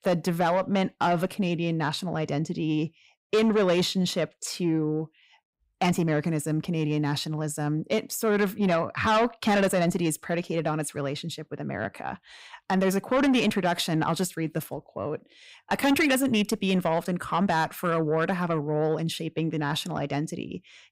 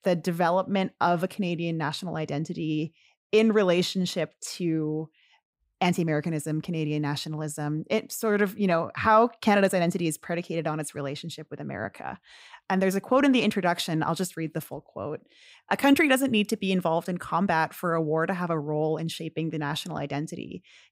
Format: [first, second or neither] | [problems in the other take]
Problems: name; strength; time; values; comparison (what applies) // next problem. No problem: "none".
second | distortion; slight; 10 dB below the speech